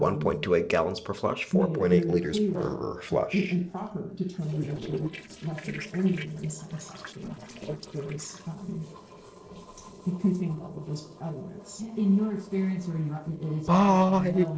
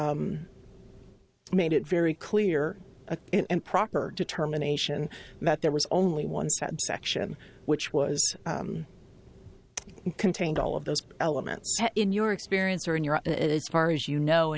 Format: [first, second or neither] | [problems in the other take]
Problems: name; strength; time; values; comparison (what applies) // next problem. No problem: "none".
second | noise reduction (neural separator model SepFormer DNS4)